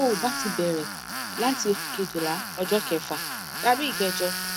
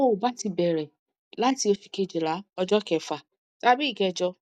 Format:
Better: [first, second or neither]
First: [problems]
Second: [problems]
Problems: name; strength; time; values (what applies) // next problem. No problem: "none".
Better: second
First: background sound (Tools); 5 dB below the speech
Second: none